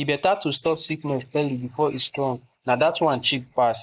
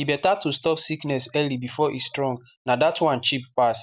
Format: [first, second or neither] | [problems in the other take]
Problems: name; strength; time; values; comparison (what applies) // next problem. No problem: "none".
second | noise reduction (neural mask model Resemble Enhance denoiser)